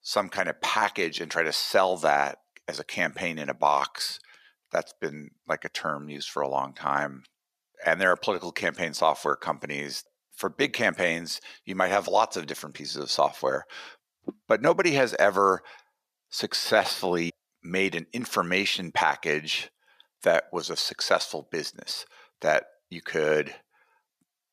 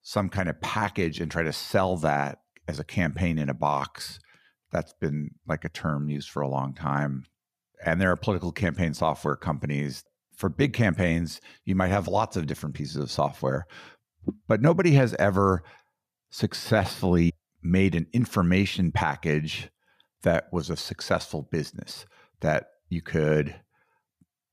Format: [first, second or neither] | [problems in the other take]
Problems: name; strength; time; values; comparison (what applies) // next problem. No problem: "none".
second | thin; somewhat; fading below 450 Hz